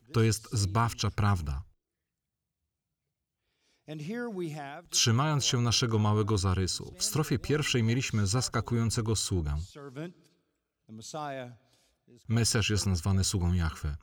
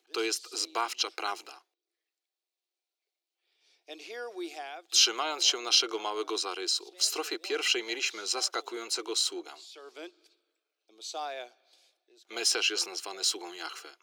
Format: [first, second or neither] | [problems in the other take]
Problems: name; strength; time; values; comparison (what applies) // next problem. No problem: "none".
first | thin; very; fading below 350 Hz